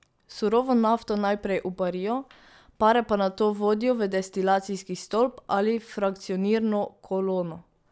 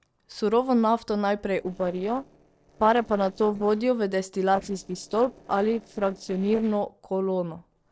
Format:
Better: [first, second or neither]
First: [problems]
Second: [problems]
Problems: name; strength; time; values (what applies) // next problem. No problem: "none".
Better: first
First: none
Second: noise reduction (neural separator model SepFormer DNS4)